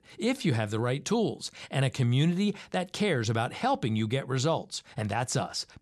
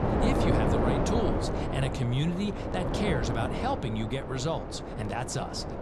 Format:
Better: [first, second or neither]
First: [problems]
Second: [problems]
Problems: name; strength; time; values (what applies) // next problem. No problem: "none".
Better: first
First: none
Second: wind noise on the microphone; heavy; 1 dB above the speech